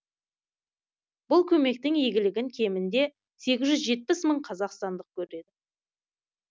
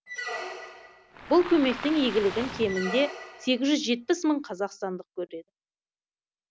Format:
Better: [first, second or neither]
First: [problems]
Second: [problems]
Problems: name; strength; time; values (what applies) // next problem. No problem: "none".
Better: first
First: none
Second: background sound (Squeak + Waves, surf); 10 dB below the speech